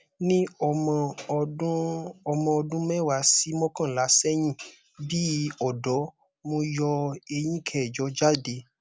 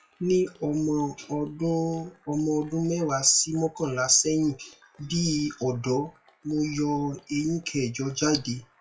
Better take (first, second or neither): first